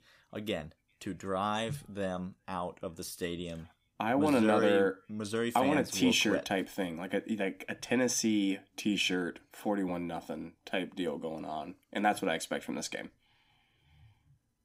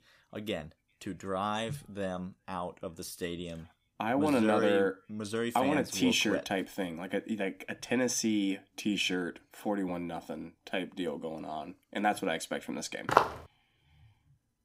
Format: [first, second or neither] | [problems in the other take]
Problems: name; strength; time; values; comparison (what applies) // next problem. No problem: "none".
first | footsteps; loud; at 13 s; peak 5 dB above the speech